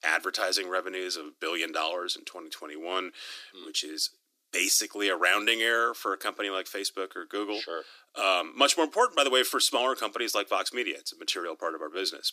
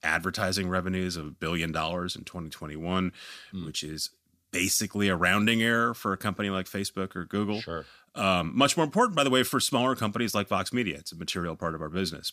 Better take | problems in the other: second | thin; very; fading below 300 Hz

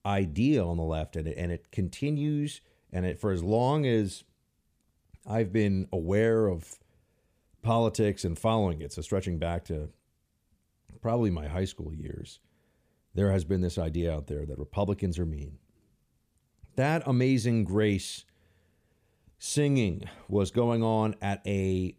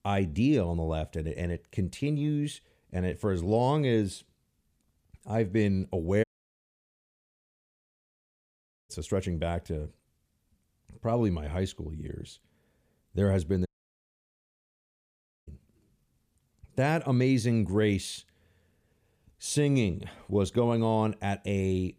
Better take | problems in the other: first | audio cutting out; at 6 s for 2.5 s and at 14 s for 2 s

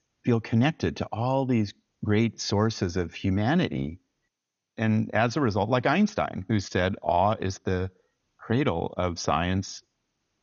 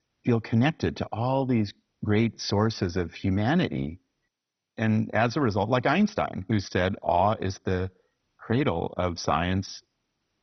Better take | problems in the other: first | garbled, watery; badly; nothing above 6 kHz; slightly in the first

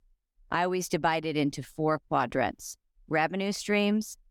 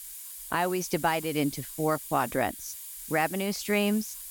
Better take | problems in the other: first | hiss; noticeable; throughout; 10 dB below the speech

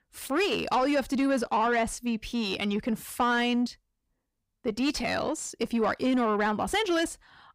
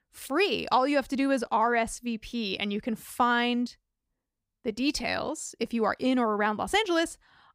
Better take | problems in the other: second | distortion; slight; 10 dB below the speech

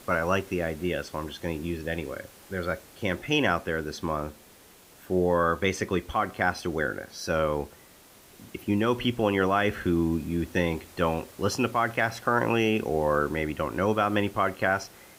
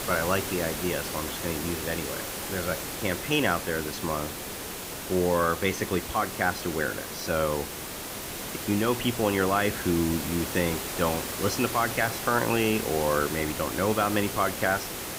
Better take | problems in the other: first | hiss; loud; throughout; 5 dB below the speech; faint in the first

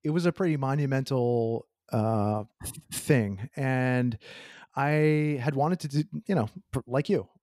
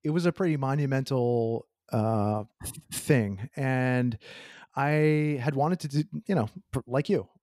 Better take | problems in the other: neither | none

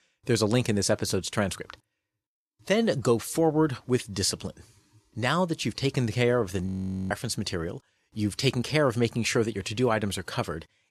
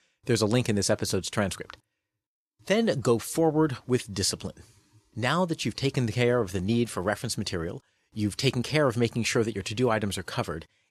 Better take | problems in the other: second | audio freezing; at 6.5 s

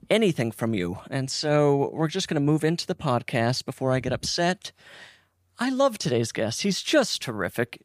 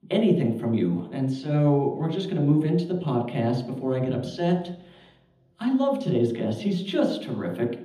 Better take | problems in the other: first | room echo; noticeable; dies away in 0.8 s // off-mic speech; far

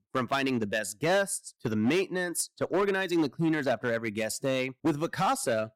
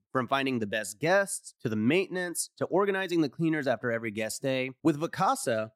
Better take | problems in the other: second | distortion; slight; 7% of the sound clipped

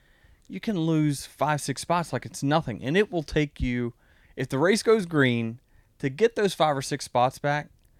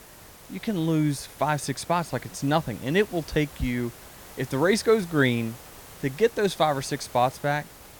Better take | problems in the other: first | hiss; noticeable; throughout; 20 dB below the speech

